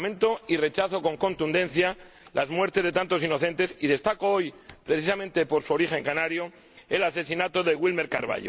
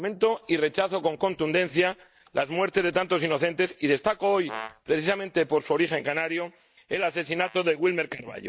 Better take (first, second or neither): first